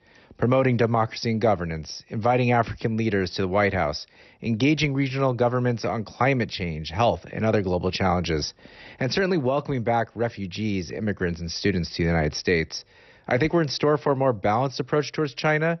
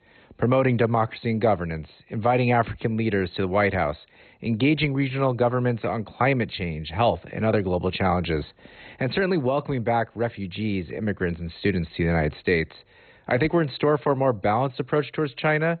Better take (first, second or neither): first